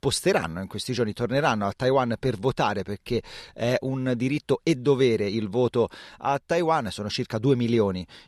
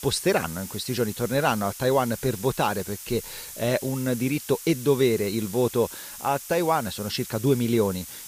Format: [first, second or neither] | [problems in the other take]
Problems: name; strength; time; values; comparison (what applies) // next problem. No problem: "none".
first | hiss; noticeable; throughout; 10 dB below the speech